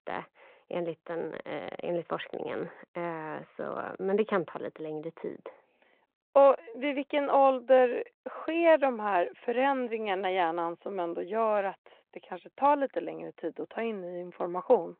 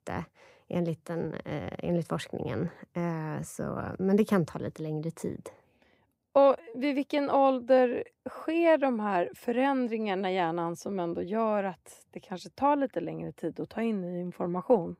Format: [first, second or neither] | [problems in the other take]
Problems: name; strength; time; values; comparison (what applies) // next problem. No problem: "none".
second | phone-call audio